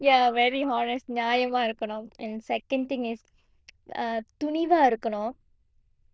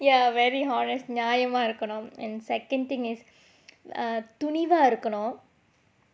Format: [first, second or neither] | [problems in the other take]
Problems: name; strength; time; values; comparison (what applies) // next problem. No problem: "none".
second | noise reduction (neural diffusion model UNIVERSE++)